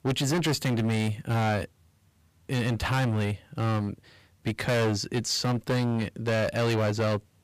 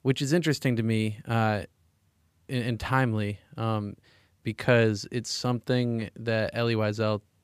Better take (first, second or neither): second